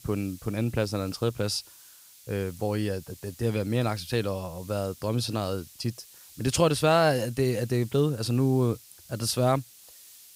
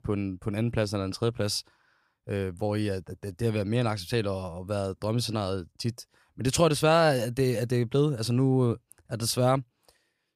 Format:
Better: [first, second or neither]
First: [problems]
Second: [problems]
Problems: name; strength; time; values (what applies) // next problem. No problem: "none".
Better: second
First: hiss; faint; throughout; 20 dB below the speech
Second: none